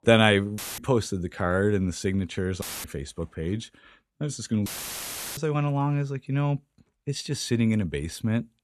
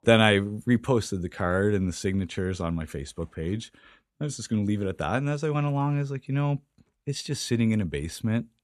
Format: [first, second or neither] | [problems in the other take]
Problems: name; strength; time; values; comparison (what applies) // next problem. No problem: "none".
second | audio cutting out; filled with static; at 0.5 s, at 2.5 s and at 4.5 s for 0.5 s